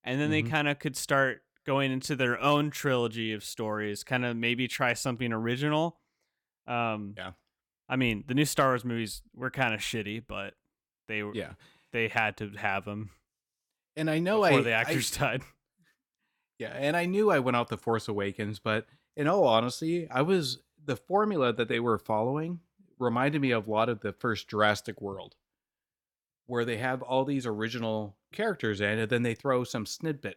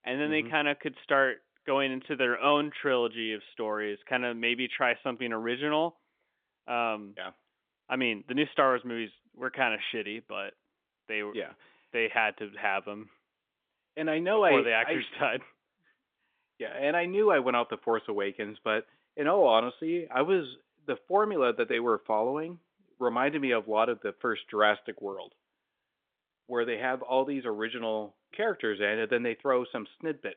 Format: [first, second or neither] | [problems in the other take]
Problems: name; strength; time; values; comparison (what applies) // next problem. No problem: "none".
first | phone-call audio; nothing above 3.5 kHz